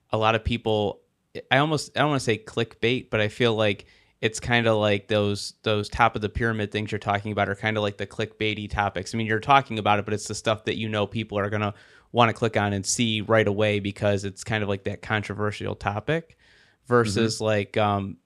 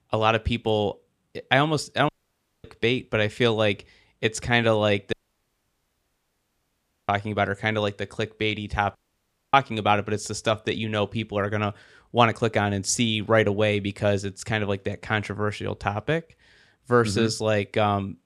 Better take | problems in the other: first | audio cutting out; at 2 s for 0.5 s, at 5 s for 2 s and at 9 s for 0.5 s

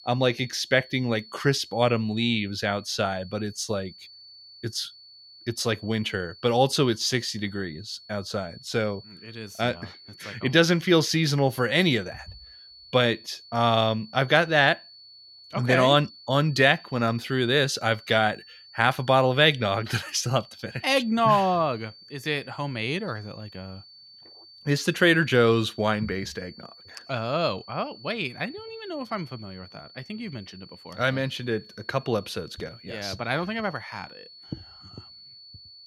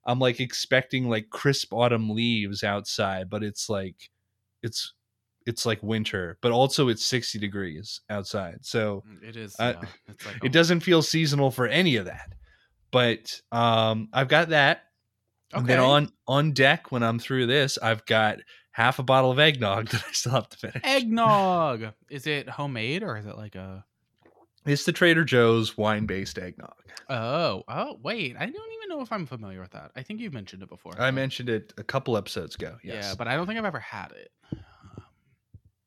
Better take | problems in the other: second | high-pitched whine; faint; throughout; 4.5 kHz, 20 dB below the speech

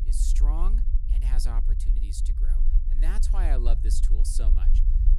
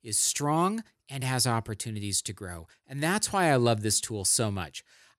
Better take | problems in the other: second | low rumble; loud; throughout; 8 dB below the speech

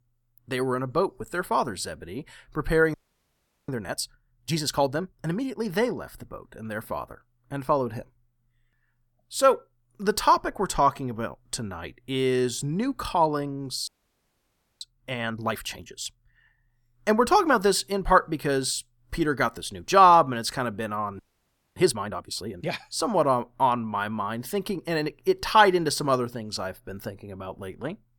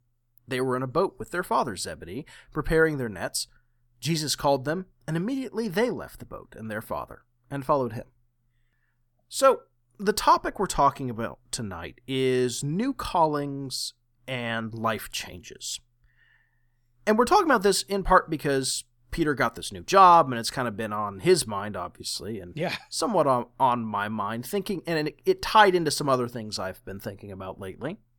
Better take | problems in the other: second | audio freezing; at 3 s for 0.5 s, at 14 s for 1 s and at 21 s for 0.5 s

